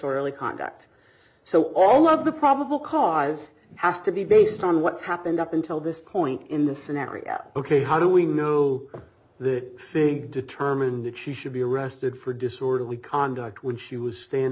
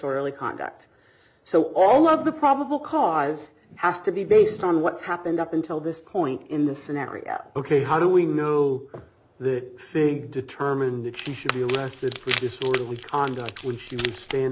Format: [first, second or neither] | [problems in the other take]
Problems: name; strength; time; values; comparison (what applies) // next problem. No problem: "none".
first | background sound (Wood); 10 dB below the speech